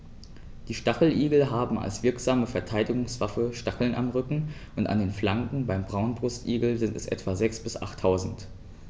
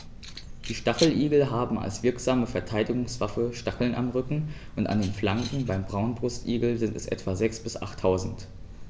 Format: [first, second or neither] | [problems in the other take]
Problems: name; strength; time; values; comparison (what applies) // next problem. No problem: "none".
first | background sound (Keys jangling); 14 dB below the speech